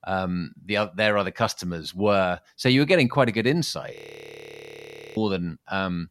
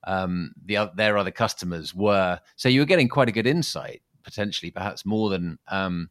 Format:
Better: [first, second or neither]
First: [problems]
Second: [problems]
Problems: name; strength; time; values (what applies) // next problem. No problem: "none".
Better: second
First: audio freezing; at 4 s for 1 s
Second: none